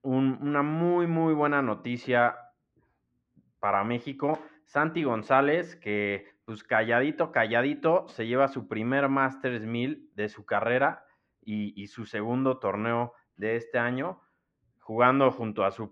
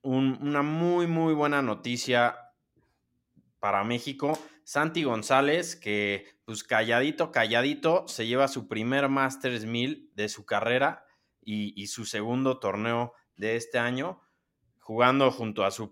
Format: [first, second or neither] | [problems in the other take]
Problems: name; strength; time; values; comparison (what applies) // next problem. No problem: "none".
second | muffled; very; fading above 1.5 kHz